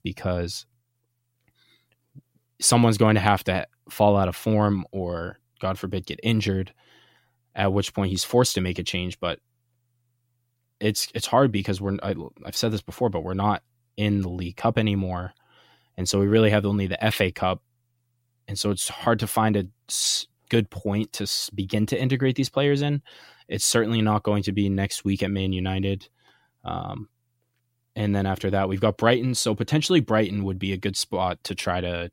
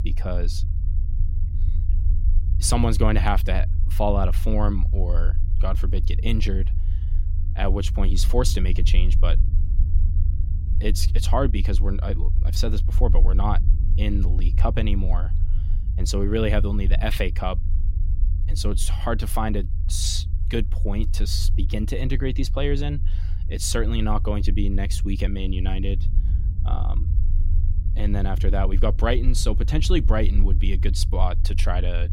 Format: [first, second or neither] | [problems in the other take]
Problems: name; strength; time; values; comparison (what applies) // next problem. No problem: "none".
first | low rumble; noticeable; throughout; 15 dB below the speech